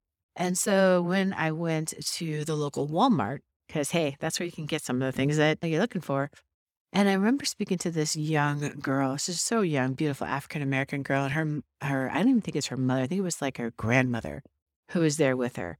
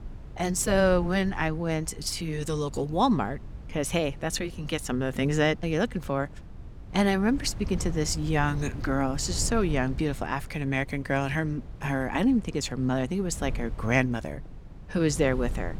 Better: first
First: none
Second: wind noise on the microphone; occasional gusts; 20 dB below the speech

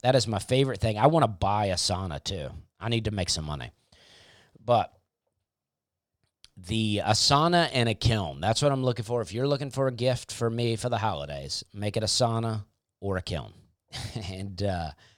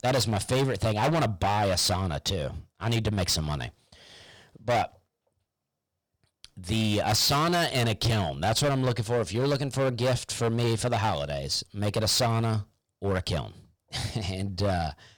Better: first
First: none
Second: distortion; heavy; 14% of the sound clipped

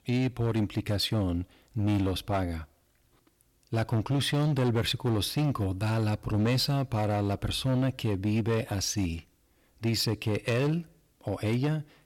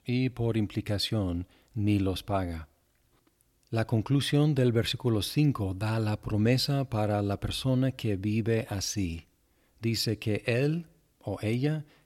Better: second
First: distortion; slight; 11% of the sound clipped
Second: none

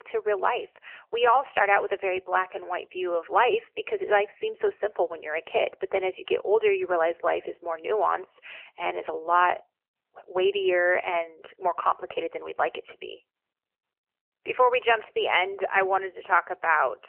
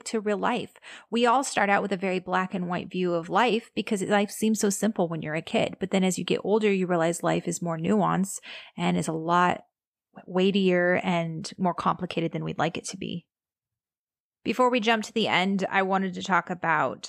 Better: second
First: phone-call audio; nothing above 3 kHz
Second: none

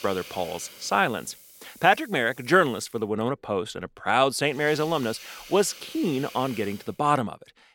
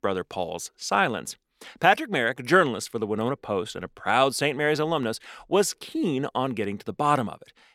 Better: second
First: hiss; noticeable; until 3 s and from 4.5 to 7 s; 20 dB below the speech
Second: none

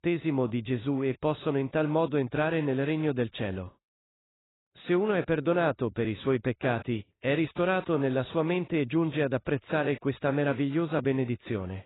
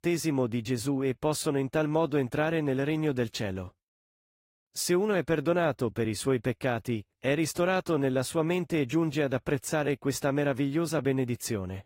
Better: second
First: garbled, watery; badly; nothing above 4 kHz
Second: garbled, watery; slightly; nothing above 16 kHz

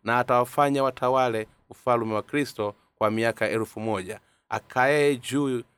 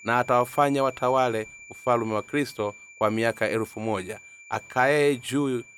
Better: first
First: none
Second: high-pitched whine; noticeable; throughout; 2.5 kHz, 20 dB below the speech

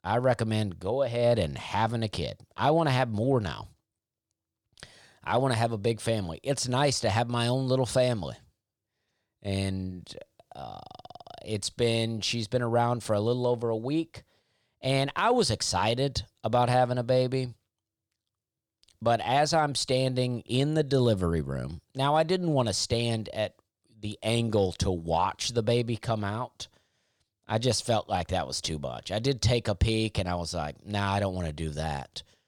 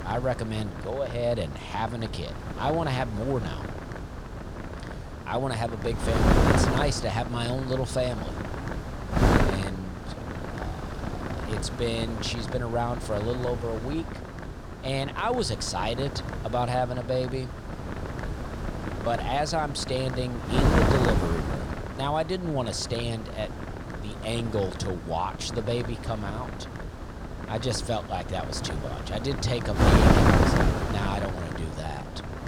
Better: first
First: none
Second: wind noise on the microphone; heavy; 2 dB below the speech

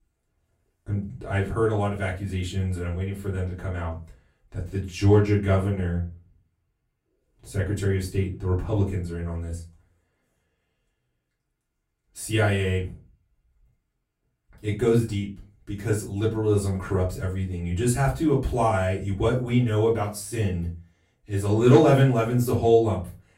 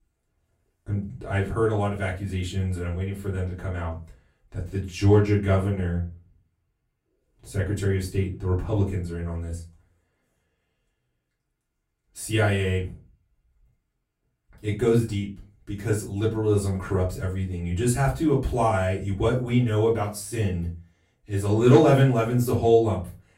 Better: neither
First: off-mic speech; far // room echo; very slight; dies away in 0.3 s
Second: off-mic speech; far // room echo; very slight; dies away in 0.3 s

